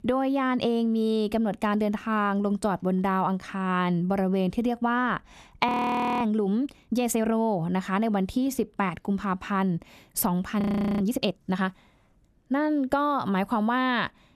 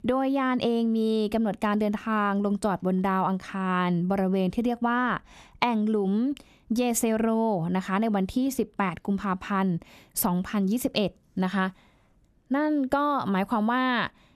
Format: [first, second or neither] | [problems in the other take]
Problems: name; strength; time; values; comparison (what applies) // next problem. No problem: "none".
second | audio freezing; at 5.5 s for 0.5 s and at 11 s